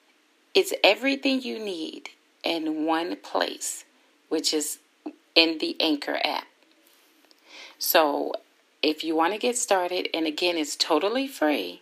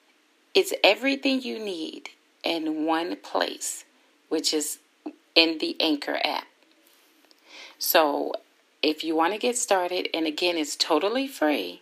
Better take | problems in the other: neither | thin; somewhat; fading below 300 Hz; the same in both

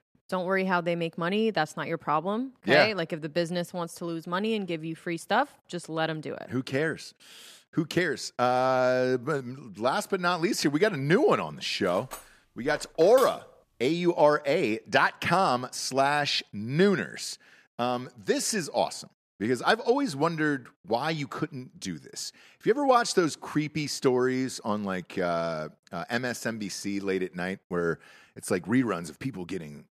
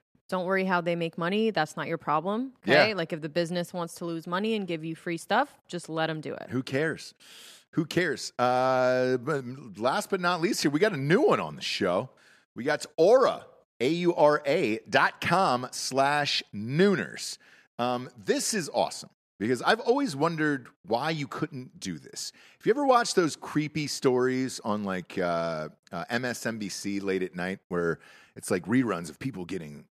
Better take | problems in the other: second | clattering dishes; faint; from 12 to 13 s; peak 10 dB below the speech

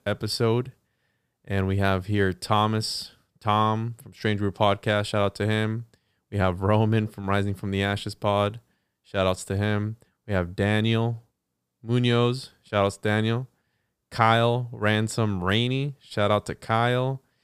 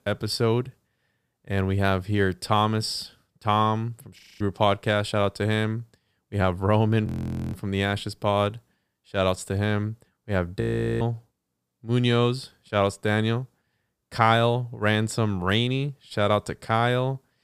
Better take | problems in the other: first | audio freezing; at 4 s, at 7 s and at 11 s

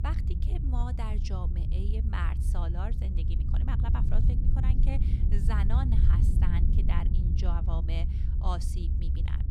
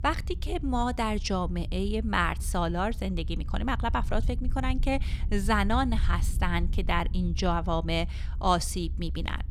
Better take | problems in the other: second | low rumble; loud; throughout; 3 dB below the speech; faint in the second

